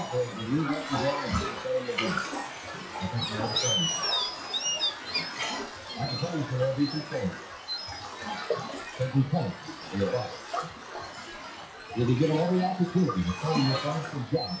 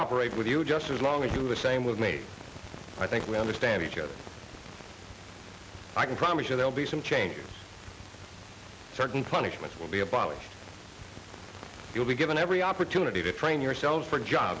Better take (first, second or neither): second